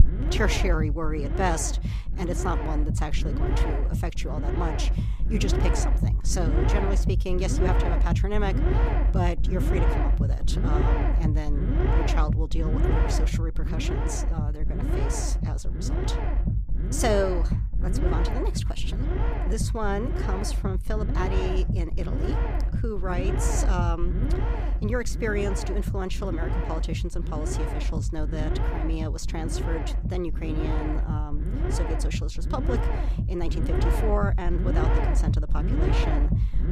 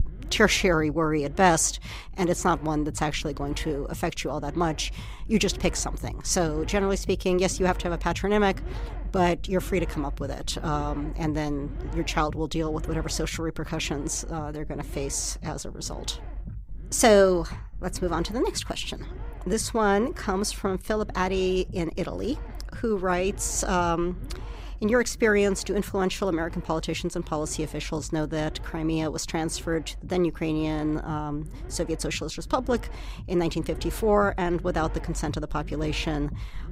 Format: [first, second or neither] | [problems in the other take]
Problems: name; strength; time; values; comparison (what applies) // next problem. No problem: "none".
second | low rumble; loud; throughout; 3 dB below the speech; faint in the second